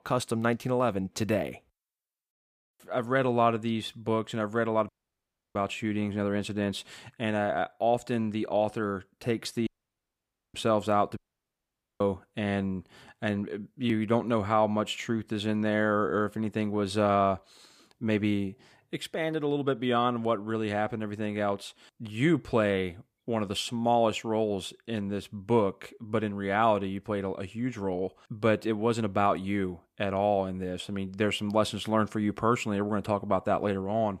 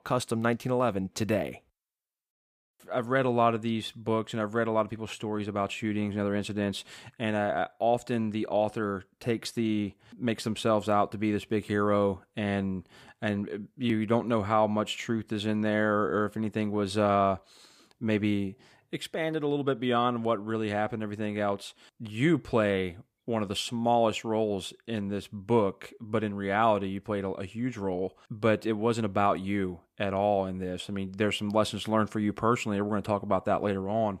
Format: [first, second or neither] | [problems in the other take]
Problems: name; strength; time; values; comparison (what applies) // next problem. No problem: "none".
second | audio cutting out; at 5 s for 0.5 s, at 9.5 s for 1 s and at 11 s for 1 s